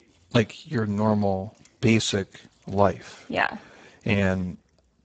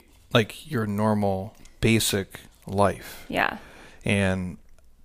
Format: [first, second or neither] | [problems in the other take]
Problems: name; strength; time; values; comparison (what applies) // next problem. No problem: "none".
second | garbled, watery; badly; nothing above 8 kHz